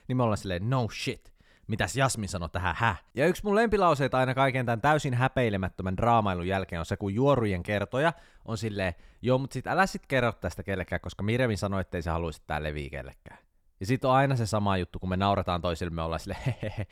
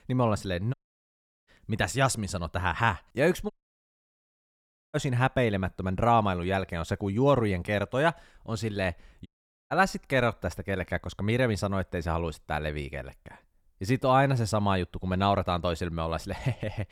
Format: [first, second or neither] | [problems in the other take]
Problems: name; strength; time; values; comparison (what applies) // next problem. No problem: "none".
first | audio cutting out; at 0.5 s for 0.5 s, at 3.5 s for 1.5 s and at 9.5 s